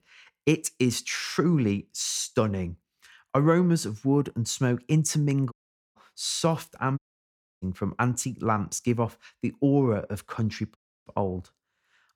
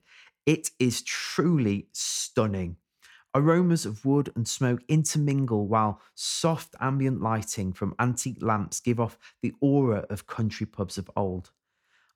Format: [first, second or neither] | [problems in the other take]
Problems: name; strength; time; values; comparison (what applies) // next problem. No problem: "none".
second | audio cutting out; at 5.5 s, at 7 s for 0.5 s and at 11 s